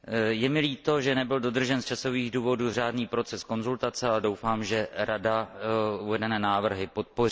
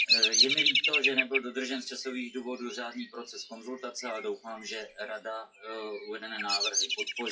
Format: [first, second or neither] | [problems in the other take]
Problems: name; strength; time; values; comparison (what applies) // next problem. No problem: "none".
first | noise reduction (classical method WPE with log-MMSE)